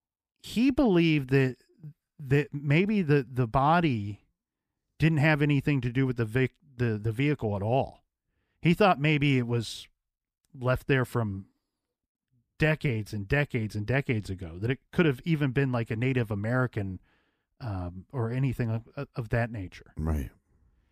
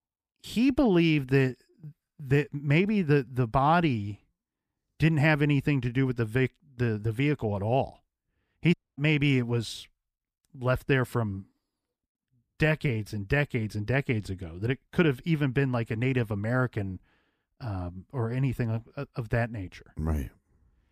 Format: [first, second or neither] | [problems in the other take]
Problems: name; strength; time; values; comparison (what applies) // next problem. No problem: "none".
first | audio cutting out; at 8.5 s